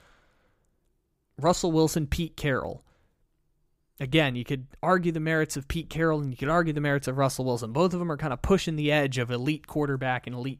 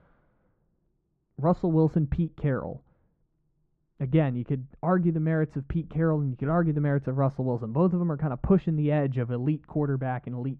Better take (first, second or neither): first